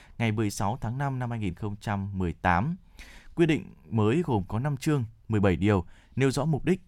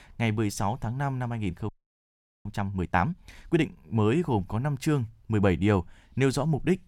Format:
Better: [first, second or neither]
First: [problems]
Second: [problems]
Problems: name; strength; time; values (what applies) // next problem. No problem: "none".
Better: first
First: none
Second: audio freezing; at 1.5 s for 1 s